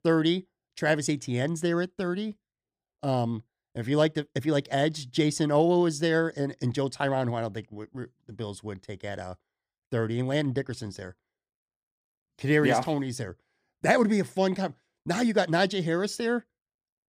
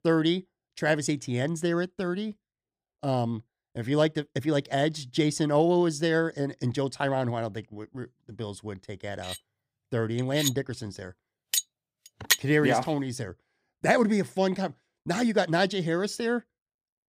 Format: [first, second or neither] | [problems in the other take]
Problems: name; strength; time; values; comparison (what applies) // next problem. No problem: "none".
first | clattering dishes; loud; from 9.5 to 12 s; peak 2 dB above the speech